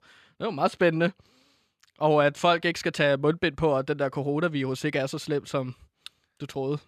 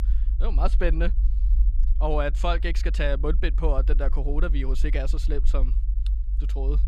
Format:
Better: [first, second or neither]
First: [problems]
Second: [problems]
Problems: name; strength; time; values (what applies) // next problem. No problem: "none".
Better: first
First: none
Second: low rumble; noticeable; throughout; 20 dB below the speech